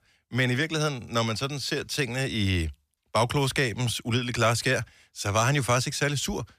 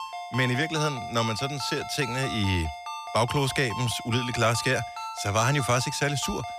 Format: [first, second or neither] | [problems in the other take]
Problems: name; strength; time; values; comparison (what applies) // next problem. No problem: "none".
first | phone ringing; noticeable; peak 8 dB below the speech